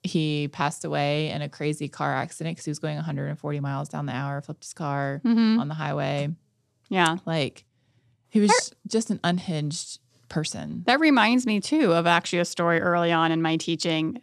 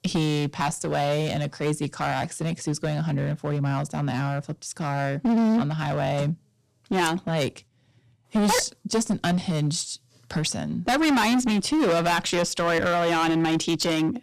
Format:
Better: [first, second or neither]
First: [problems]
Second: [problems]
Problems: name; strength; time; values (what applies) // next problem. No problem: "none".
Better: first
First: none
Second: distortion; heavy; 14% of the sound clipped